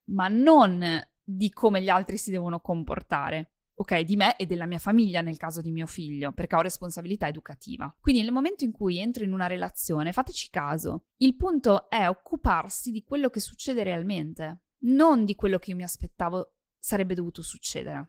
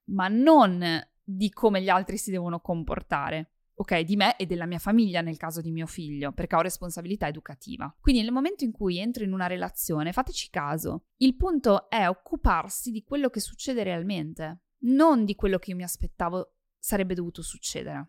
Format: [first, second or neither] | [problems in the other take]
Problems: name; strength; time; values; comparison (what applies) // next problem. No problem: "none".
second | garbled, watery; slightly; nothing above 16.5 kHz